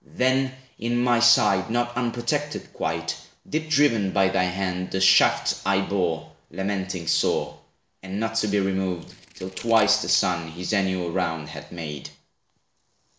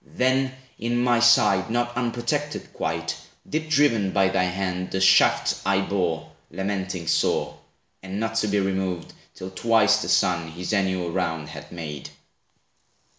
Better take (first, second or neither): second